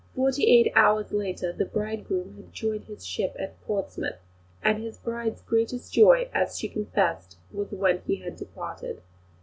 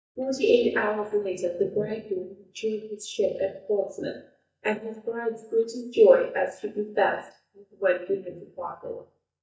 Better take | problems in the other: first | noise reduction (neural mask model DeepFilterNet 3)

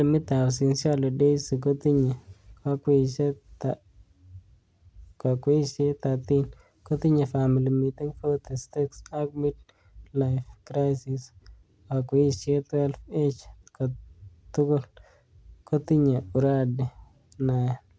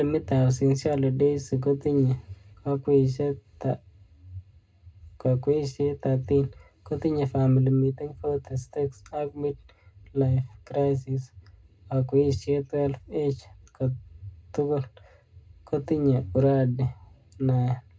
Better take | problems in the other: first | room echo; dies away in 0.2 s

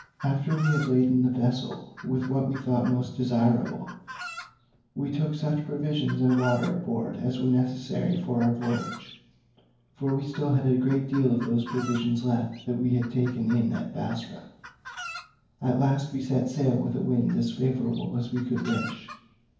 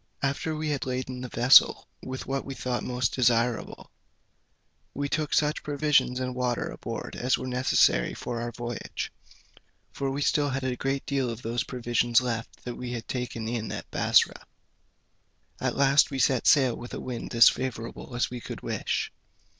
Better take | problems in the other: second | background sound (Chicken, rooster); 18 dB below the speech // room echo; dies away in 0.9 s

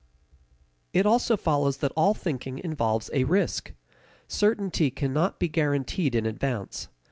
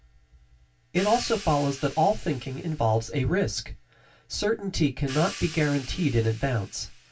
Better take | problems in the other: first | background sound (Crash cymbal / Hi-hat); 17 dB below the speech // room echo; dies away in 0.1 s

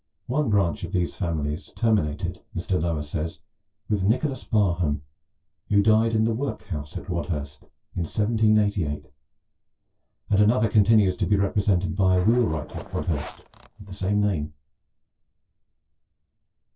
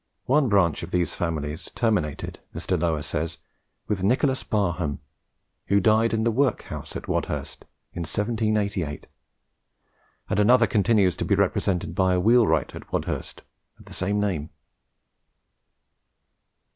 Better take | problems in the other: second | noise reduction (neural separator model SepFormer DNS4)

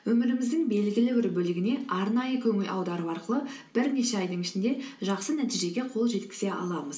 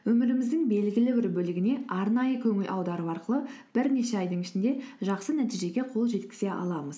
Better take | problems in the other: second | room echo; dies away in 0.2 s

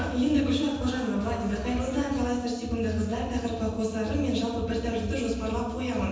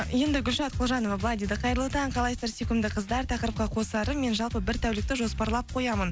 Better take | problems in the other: second | background sound (Crowd); 20 dB below the speech // room echo; dies away in 1.1 s

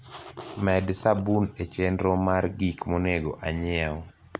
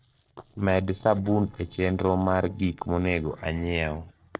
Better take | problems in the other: first | noise reduction (neural separator model SepFormer DNS4)

